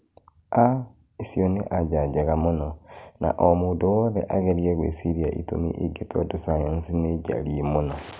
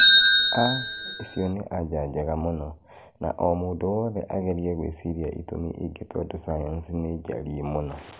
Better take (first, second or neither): first